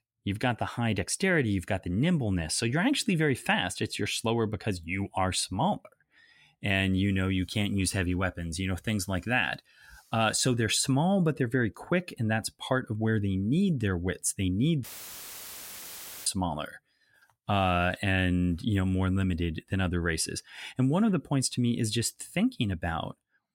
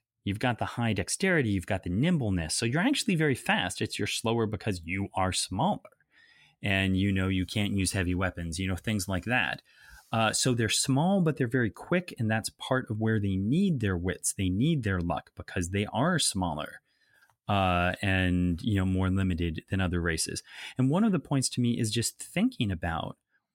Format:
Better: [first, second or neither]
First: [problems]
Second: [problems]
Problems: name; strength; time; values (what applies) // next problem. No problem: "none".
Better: second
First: audio cutting out; filled with static; at 15 s for 1.5 s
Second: none